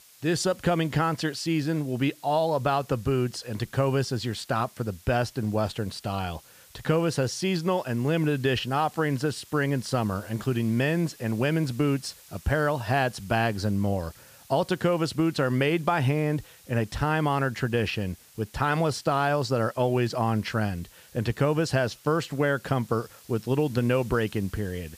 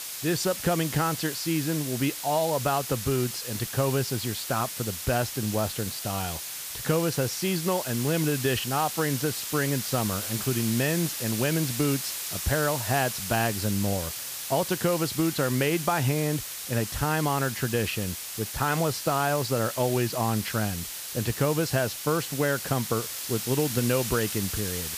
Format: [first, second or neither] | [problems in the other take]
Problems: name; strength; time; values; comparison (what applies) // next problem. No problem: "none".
first | hiss; loud; throughout; 4 dB below the speech; faint in the first